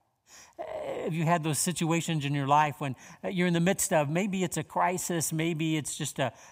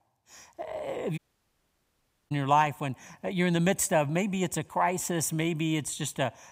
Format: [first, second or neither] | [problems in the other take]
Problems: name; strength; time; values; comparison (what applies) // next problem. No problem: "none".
first | audio cutting out; at 1 s for 1 s